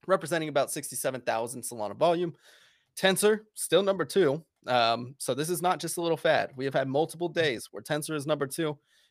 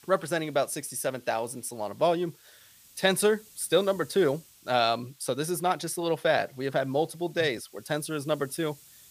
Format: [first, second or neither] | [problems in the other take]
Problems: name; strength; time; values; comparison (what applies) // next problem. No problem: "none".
first | hiss; faint; throughout; 25 dB below the speech